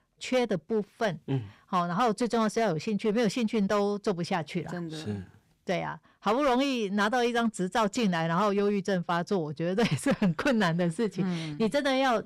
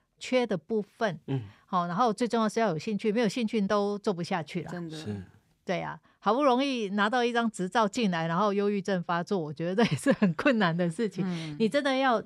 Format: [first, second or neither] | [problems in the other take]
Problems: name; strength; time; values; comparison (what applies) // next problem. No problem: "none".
second | distortion; slight; 6% of the sound clipped